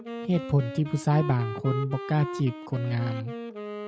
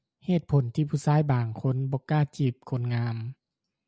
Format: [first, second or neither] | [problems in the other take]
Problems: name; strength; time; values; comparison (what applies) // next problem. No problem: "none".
second | background sound (Wind instrument, woodwind instrument); 9 dB below the speech